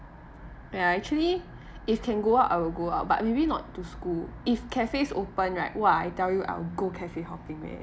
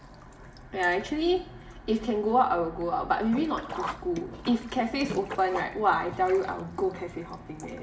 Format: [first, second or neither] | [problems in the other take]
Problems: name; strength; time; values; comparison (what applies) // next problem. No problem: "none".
first | background sound (Sink (filling or washing)); 15 dB below the speech // room echo; dies away in 1.1 s